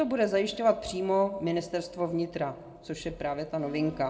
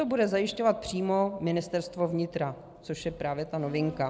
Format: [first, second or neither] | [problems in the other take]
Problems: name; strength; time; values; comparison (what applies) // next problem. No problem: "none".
second | room echo; dies away in 0.8 s